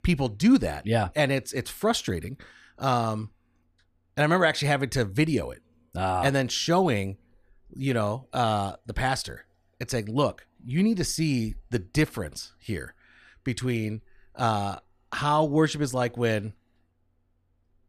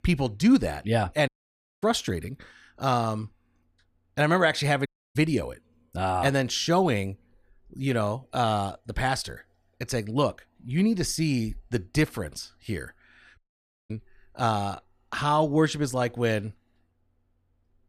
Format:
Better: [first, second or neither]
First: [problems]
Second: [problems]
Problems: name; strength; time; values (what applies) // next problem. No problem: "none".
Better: first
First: none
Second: audio cutting out; at 1.5 s for 0.5 s, at 5 s and at 13 s for 0.5 s